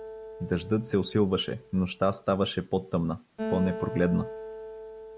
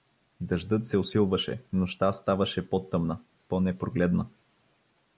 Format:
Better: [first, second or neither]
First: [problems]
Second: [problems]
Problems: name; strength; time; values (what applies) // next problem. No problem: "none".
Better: second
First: background sound (Acoustic guitar); 11 dB below the speech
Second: none